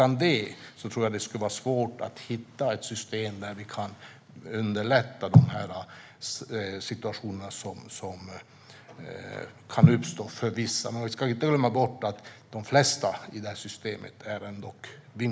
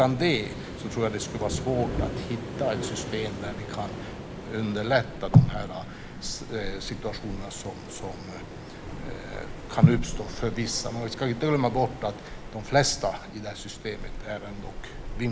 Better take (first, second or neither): first